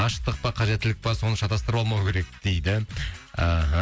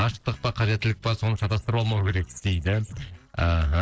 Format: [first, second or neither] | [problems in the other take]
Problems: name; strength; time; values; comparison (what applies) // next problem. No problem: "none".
first | noise reduction (neural separator model SepFormer DNS4)